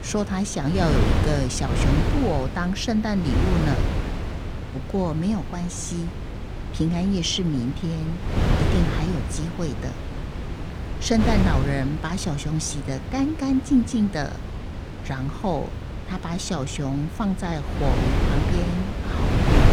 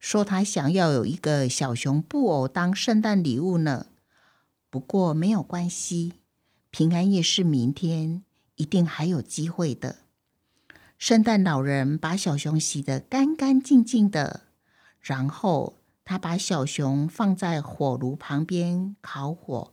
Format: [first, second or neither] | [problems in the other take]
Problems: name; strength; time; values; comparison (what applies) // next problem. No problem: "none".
second | wind noise on the microphone; heavy; 4 dB below the speech